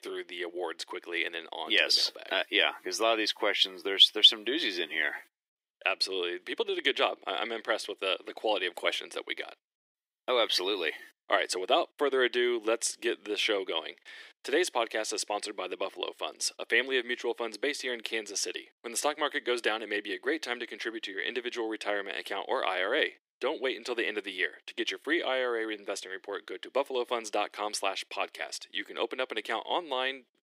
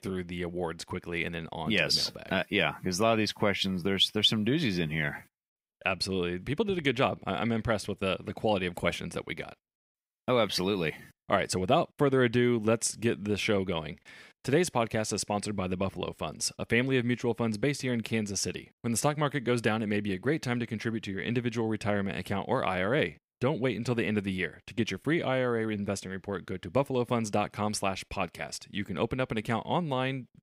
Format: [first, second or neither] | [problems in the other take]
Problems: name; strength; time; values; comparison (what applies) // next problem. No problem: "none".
second | thin; very; fading below 350 Hz